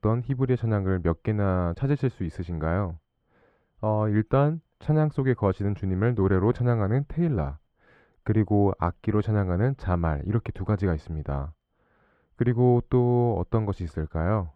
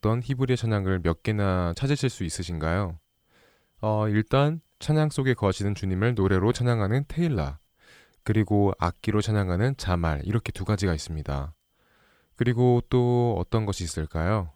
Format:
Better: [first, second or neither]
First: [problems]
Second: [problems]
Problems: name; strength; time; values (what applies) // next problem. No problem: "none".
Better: second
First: muffled; very; fading above 3 kHz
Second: none